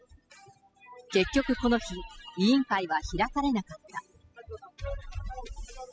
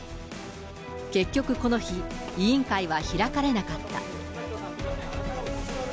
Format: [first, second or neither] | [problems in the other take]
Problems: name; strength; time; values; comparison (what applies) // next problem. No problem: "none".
second | noise reduction (classical method spectral subtraction)